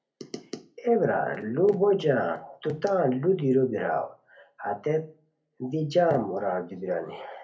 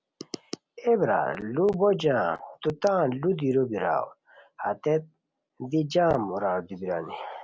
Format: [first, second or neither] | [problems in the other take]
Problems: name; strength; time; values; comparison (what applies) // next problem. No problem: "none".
second | room echo; dies away in 0.3 s